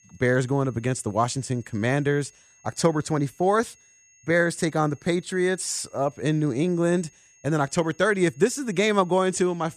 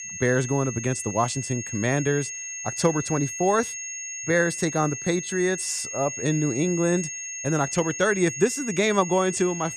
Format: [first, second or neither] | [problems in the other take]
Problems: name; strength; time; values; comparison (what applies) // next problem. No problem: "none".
first | high-pitched whine; loud; throughout; 6.5 kHz, 7 dB below the speech; faint in the first